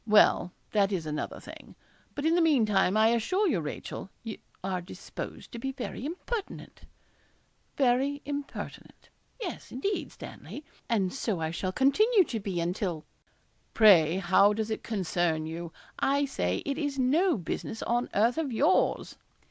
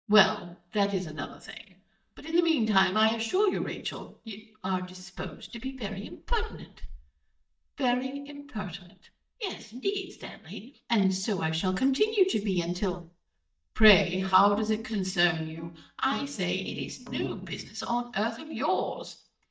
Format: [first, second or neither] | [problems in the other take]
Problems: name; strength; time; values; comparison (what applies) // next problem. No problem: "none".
first | noise reduction (neural mask model DeepFilterNet 3)